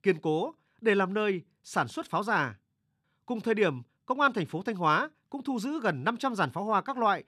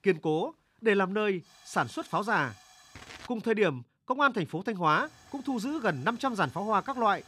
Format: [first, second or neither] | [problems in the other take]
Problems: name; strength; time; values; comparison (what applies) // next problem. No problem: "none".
first | hiss; faint; until 3.5 s and from 5 s on; 25 dB below the speech